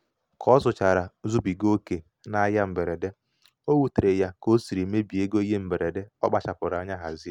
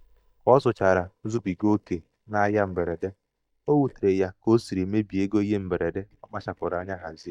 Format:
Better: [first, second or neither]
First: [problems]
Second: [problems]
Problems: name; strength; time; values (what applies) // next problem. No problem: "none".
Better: first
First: none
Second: noise reduction (neural mask model DeepFilterNet 3)